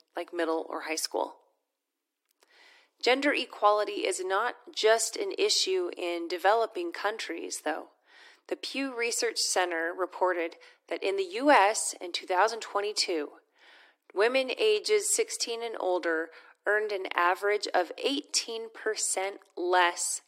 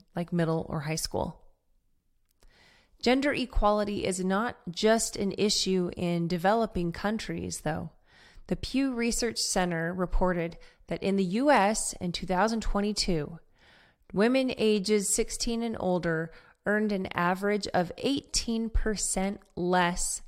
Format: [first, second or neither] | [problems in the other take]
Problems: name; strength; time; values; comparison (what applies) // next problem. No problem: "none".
second | thin; somewhat; fading below 300 Hz